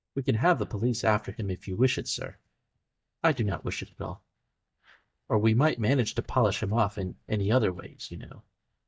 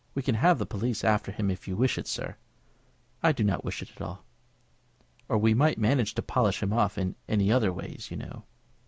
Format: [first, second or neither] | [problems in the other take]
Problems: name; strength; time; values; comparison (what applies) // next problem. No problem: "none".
second | noise reduction (neural mask model DeepFilterNet 3)